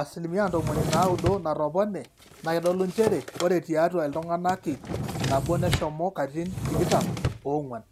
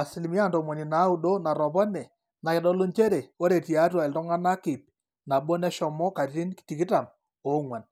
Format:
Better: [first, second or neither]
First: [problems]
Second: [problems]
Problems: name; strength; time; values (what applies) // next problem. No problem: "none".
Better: second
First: background sound (Drawer open or close); 5 dB below the speech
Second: none